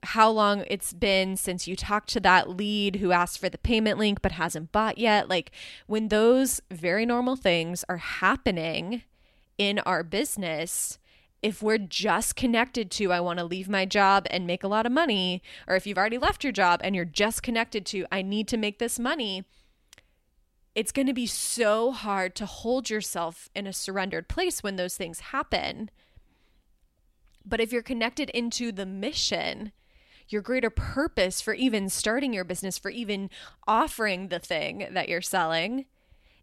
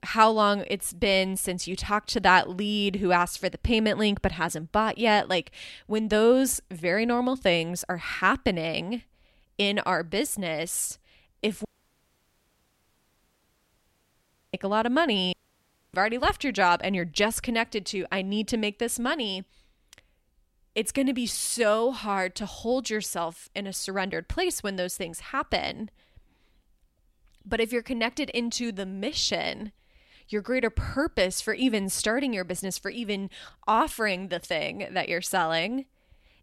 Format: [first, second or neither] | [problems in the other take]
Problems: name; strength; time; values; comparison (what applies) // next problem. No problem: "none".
first | audio cutting out; at 12 s for 3 s and at 15 s for 0.5 s